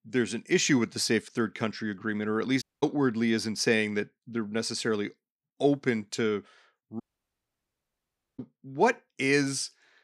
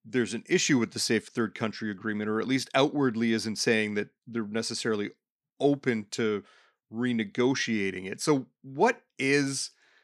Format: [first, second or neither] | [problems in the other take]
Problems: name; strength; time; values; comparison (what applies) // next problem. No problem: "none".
second | audio cutting out; at 2.5 s and at 7 s for 1.5 s